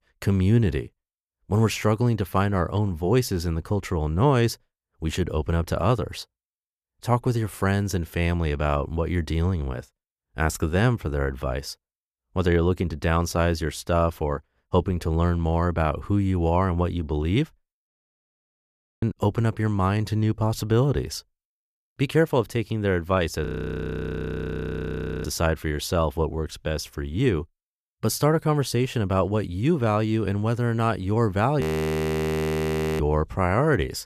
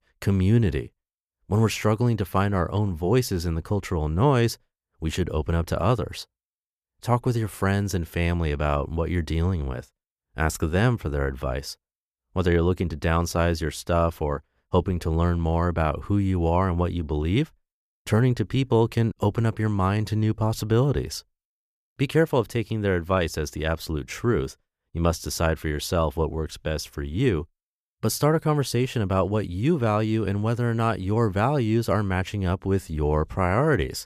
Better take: second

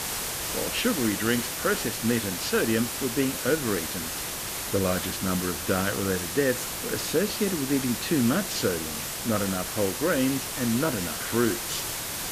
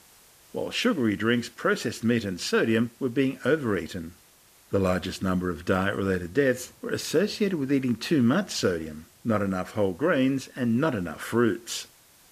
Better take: second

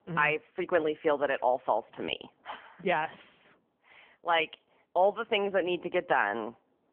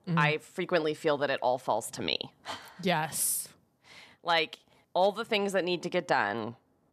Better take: second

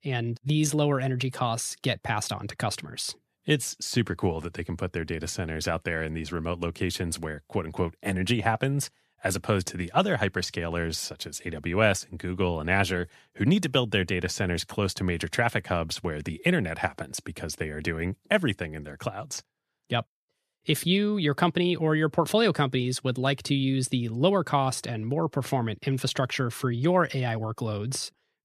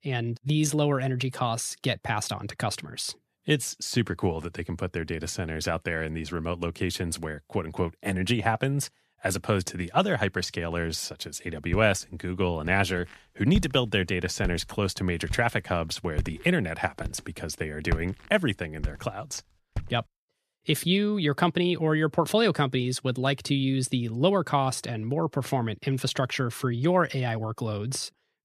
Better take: first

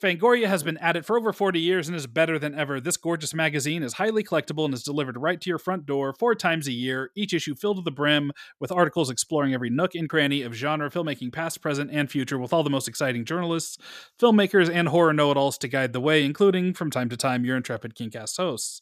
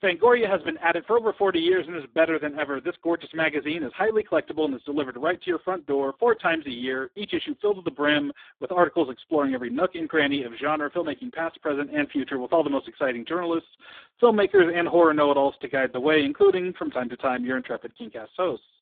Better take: first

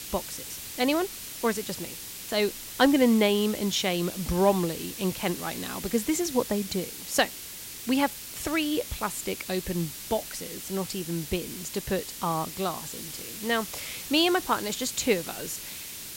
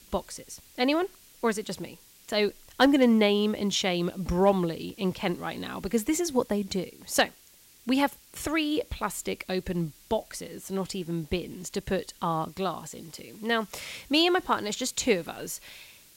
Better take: second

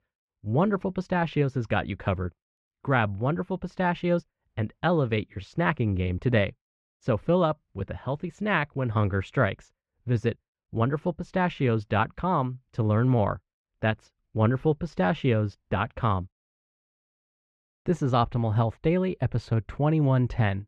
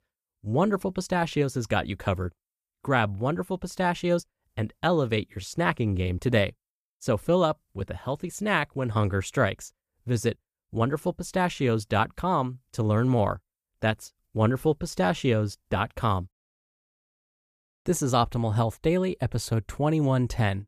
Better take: second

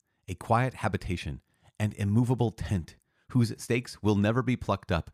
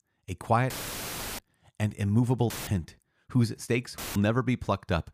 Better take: first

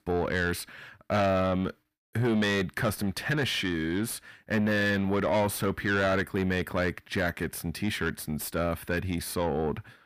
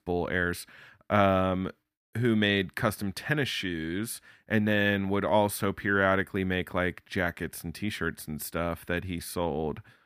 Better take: second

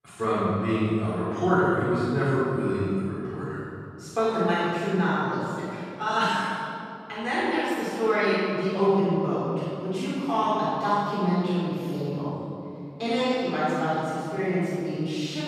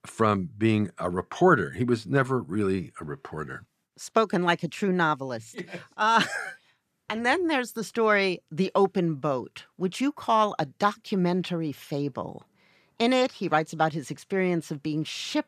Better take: second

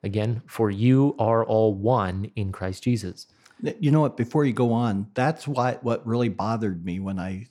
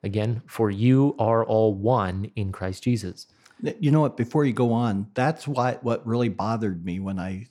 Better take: neither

